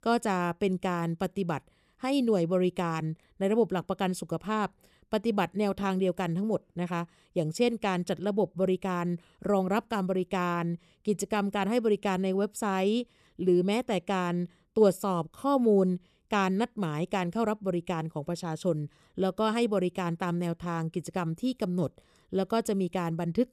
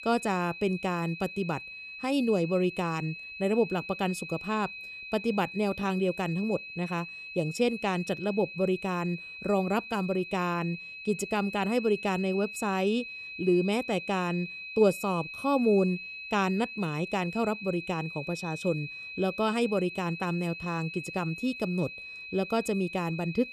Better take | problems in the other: first | high-pitched whine; loud; throughout; 2.5 kHz, 9 dB below the speech

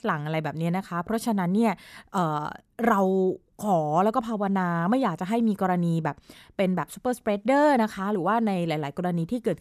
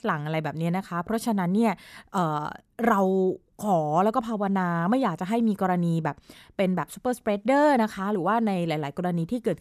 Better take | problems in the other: neither | none

